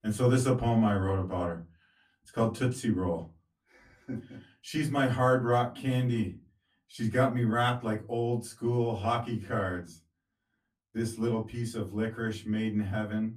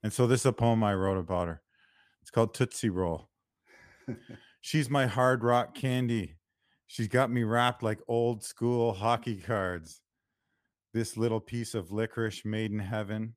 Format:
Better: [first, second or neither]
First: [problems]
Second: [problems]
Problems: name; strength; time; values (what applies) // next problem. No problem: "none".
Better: second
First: off-mic speech; far // room echo; very slight; dies away in 0.2 s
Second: none